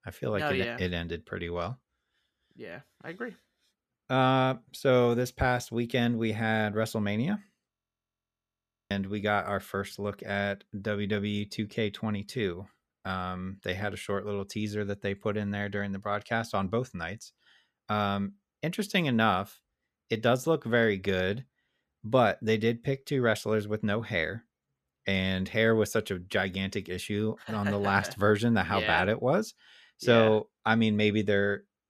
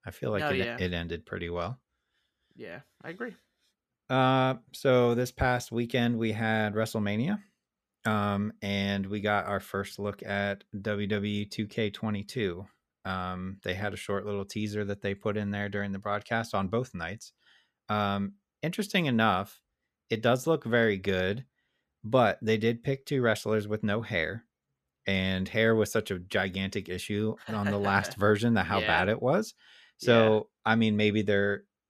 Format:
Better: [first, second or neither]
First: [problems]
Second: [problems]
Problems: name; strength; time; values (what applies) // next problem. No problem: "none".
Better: second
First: audio freezing; at 7.5 s for 1 s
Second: none